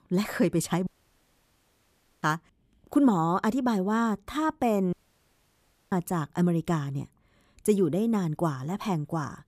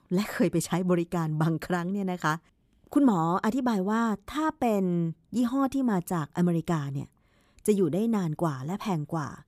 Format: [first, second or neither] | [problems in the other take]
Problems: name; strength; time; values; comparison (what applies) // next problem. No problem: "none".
second | audio cutting out; at 1 s for 1.5 s and at 5 s for 1 s